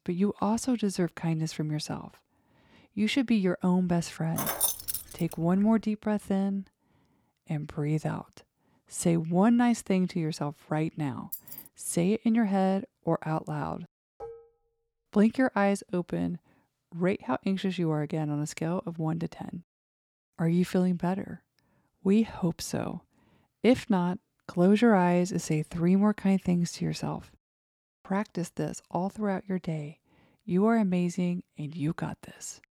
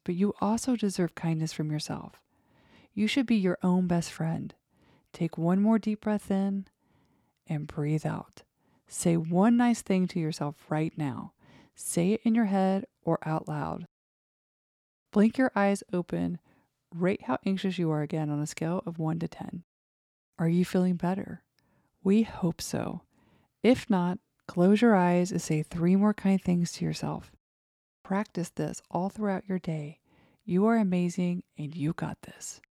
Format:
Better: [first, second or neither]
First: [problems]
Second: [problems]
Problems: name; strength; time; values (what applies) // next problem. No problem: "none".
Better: second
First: jangling keys; loud; at 4.5 s; peak 2 dB above the speech // jangling keys; faint; at 11 s; peak 10 dB below the speech // clattering dishes; faint; at 14 s; peak 15 dB below the speech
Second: none